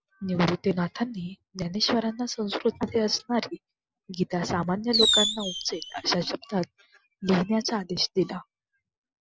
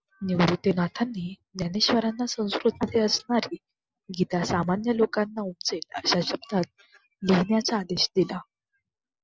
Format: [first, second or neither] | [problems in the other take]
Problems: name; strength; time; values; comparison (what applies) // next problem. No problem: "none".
second | background sound (Fireworks); 2 dB above the speech